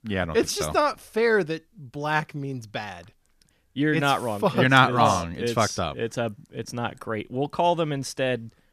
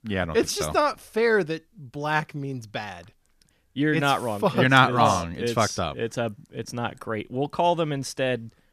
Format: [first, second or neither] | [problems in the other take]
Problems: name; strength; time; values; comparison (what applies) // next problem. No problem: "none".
neither | none